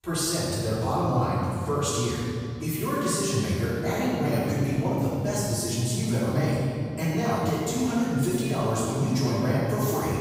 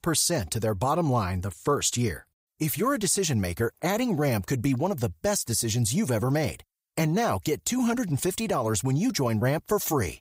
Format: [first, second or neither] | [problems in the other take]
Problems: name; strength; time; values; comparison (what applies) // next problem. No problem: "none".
second | off-mic speech; far // room echo; strong; dies away in 2.3 s